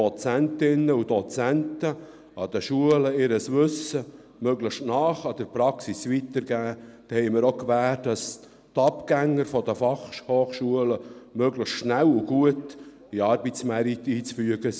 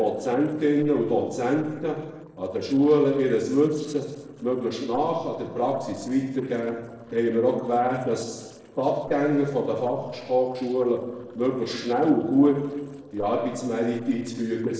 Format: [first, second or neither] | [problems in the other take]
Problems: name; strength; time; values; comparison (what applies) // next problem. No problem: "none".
first | noise reduction (neural separator model SepFormer DNS4)